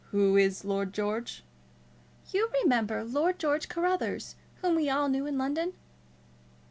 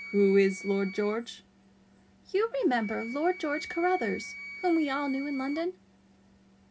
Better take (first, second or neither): first